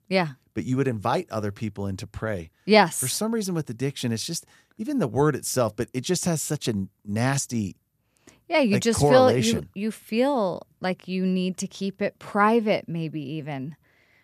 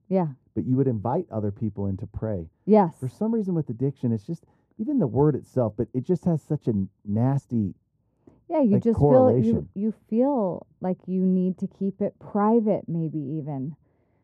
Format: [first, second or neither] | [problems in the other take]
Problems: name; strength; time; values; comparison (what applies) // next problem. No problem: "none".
first | muffled; very; fading above 1 kHz